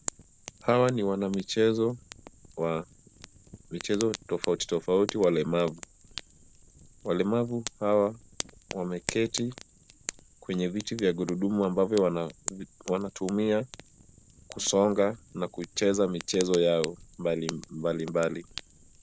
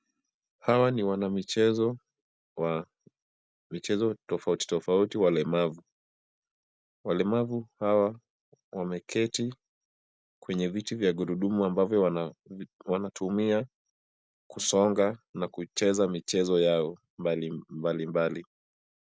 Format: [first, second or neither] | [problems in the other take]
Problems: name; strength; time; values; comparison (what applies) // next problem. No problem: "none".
second | background sound (Fire); 15 dB below the speech